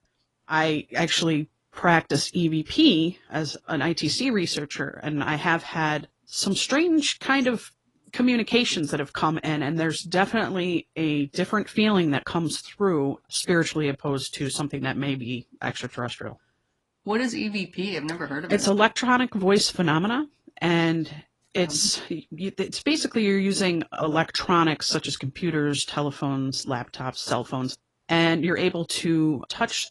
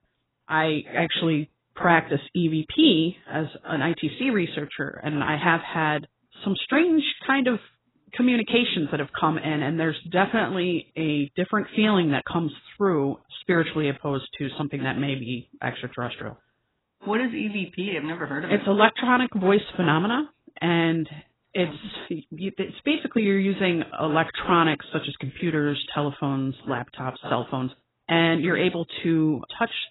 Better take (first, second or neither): first